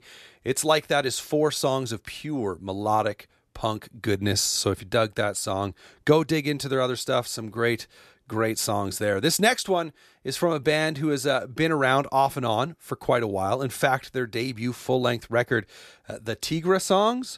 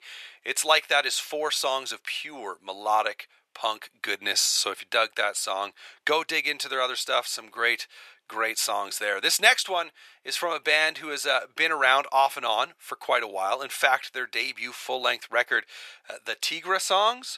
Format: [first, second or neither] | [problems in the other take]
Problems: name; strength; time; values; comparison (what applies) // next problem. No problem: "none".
first | thin; very; fading below 800 Hz